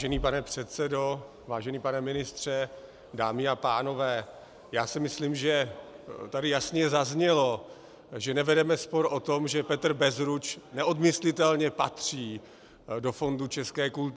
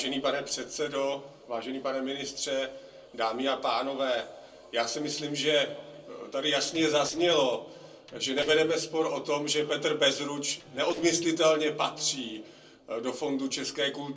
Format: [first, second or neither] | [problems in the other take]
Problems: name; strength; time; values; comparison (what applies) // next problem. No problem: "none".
first | noise reduction (neural separator model SepFormer DNS4)